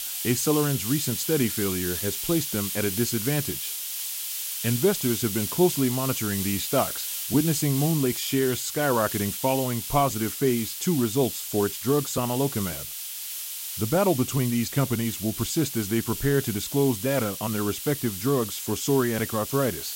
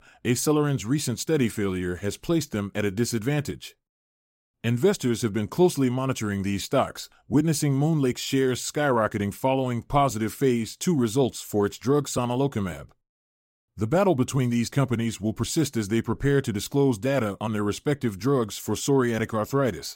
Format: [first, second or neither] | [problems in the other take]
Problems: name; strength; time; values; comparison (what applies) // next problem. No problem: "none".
second | hiss; loud; throughout; 4 dB below the speech